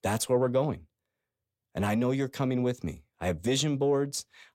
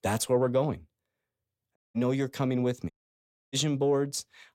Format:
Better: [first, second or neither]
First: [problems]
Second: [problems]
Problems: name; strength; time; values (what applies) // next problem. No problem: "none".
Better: first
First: none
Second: audio cutting out; at 2 s and at 3 s for 0.5 s